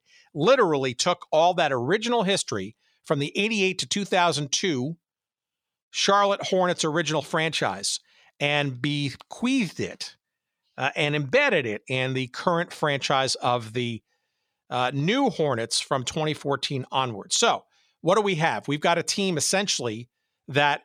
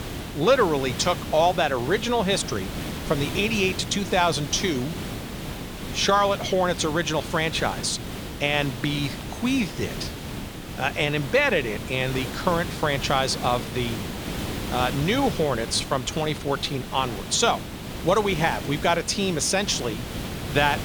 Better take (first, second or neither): first